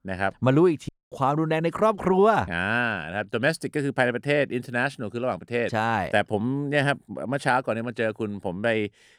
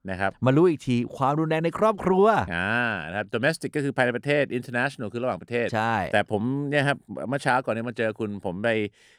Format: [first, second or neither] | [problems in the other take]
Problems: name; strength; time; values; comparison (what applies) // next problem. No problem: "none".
second | audio cutting out; at 1 s